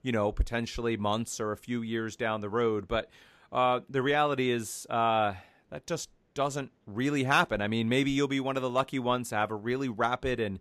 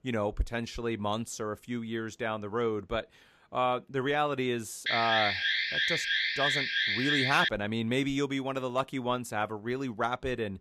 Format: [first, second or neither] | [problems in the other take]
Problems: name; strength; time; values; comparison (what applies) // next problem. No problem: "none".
first | alarm; loud; from 5 to 7.5 s; peak 5 dB above the speech